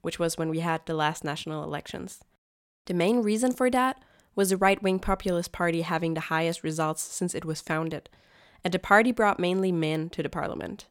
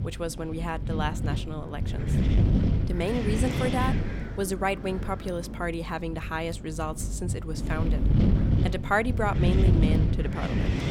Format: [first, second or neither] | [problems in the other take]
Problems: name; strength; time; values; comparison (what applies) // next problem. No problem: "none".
first | wind noise on the microphone; heavy; 5 dB below the speech